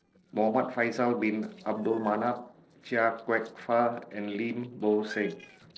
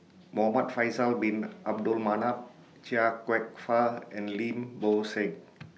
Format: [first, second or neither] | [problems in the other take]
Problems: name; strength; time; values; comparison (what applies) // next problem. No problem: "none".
second | noise reduction (neural separator model SepFormer DNS4)